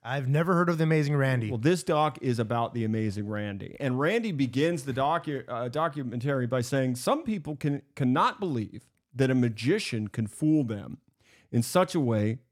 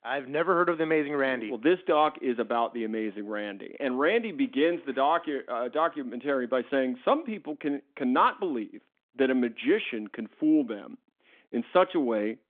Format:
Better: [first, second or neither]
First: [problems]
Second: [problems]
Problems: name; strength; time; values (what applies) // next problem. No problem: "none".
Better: first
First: none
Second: phone-call audio; nothing above 3.5 kHz